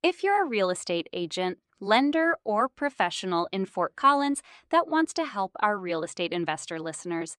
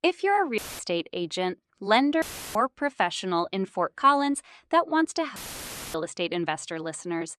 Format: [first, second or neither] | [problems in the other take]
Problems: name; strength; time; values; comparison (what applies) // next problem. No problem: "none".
first | audio cutting out; filled with static; at 0.5 s, at 2 s and at 5.5 s for 0.5 s